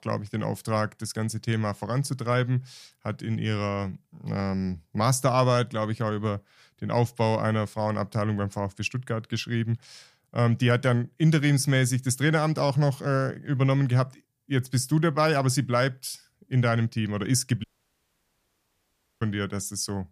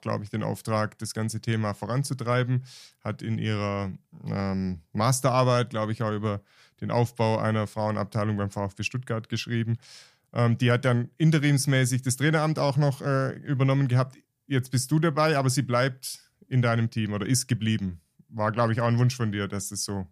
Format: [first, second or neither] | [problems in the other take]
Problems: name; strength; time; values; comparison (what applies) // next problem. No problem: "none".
second | audio cutting out; at 18 s for 1.5 s